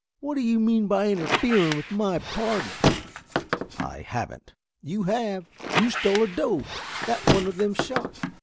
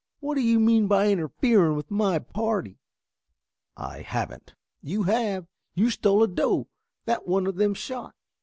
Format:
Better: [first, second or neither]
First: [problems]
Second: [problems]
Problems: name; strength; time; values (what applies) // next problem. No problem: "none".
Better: second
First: background sound (Squeak); 2 dB below the speech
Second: none